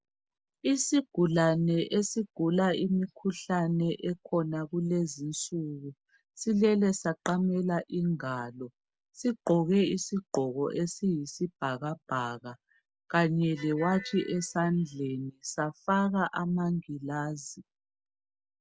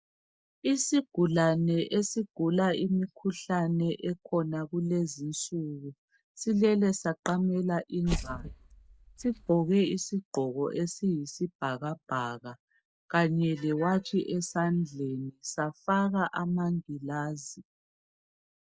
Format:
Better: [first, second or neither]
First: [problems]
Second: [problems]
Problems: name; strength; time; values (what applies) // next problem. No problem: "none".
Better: first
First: none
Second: noise reduction (neural mask model DeepFilterNet 3)